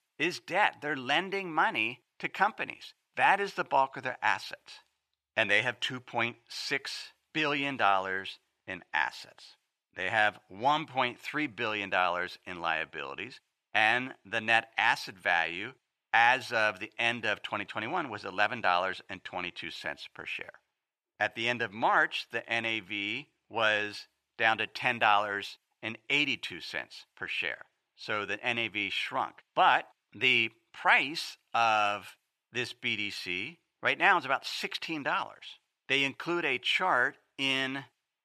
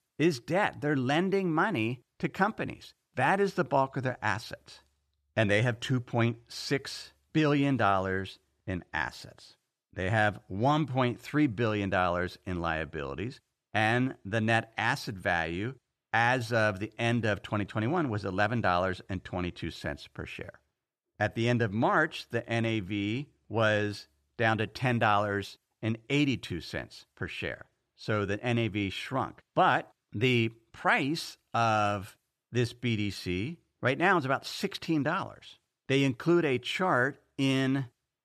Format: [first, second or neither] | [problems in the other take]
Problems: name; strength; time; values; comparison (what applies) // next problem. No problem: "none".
second | thin; somewhat; fading below 550 Hz